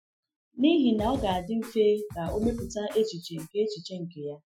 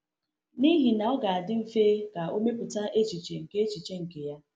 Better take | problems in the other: second | noise reduction (classical method Wiener filter)

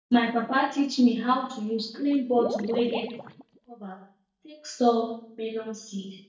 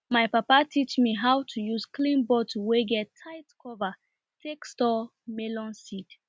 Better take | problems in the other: second | noise reduction (neural mask model DeepFilterNet 3)

